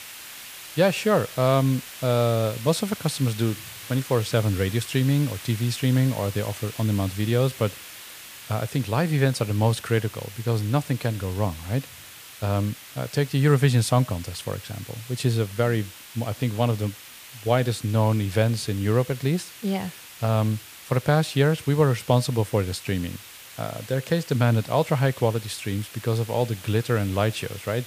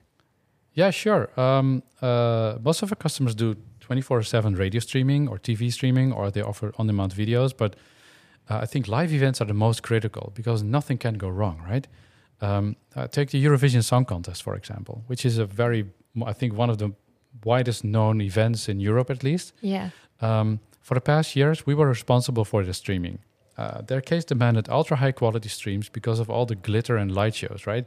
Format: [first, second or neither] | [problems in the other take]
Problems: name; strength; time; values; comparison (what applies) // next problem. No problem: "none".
second | hiss; noticeable; throughout; 15 dB below the speech